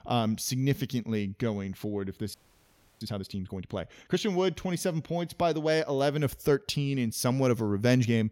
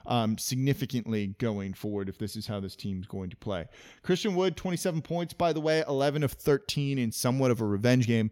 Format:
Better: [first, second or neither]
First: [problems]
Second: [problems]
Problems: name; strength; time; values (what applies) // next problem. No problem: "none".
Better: second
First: audio freezing; at 2.5 s for 0.5 s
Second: none